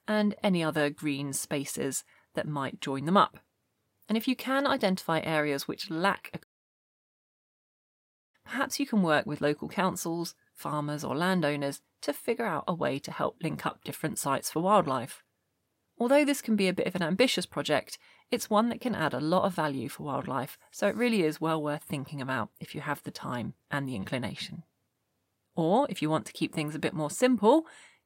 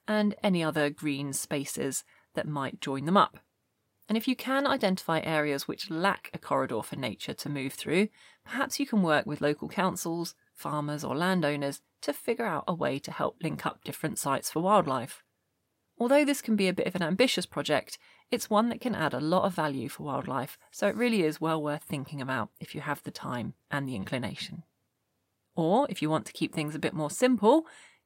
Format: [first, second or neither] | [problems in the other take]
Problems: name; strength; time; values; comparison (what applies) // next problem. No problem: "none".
second | audio cutting out; at 6.5 s for 2 s